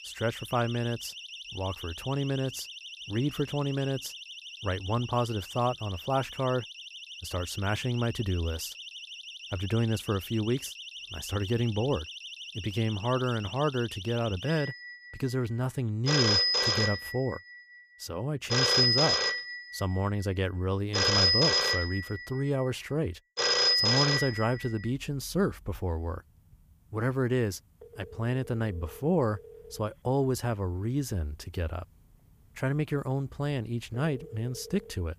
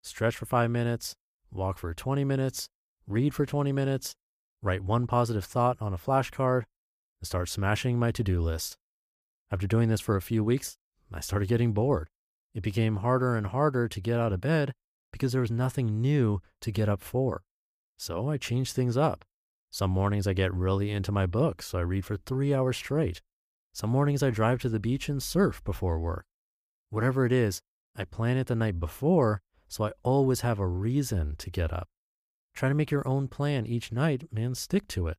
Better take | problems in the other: second | alarms or sirens; very loud; throughout; 1 dB above the speech

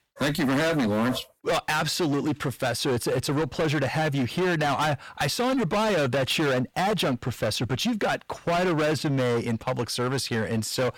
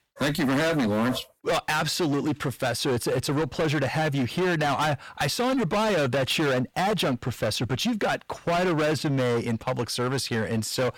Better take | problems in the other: neither | distortion; heavy; 27% of the sound clipped; the same in both

